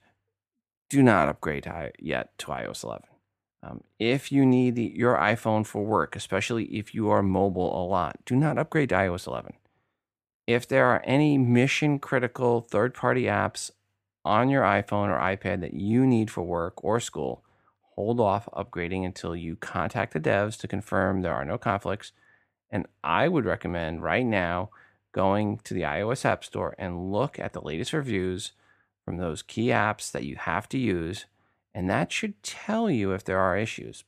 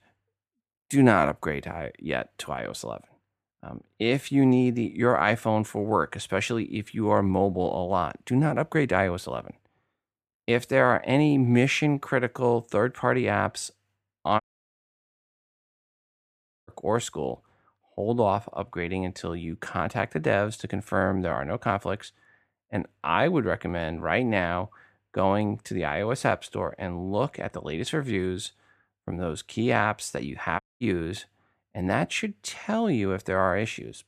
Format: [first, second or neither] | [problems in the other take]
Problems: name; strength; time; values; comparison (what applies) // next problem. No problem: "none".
first | audio cutting out; at 14 s for 2.5 s and at 31 s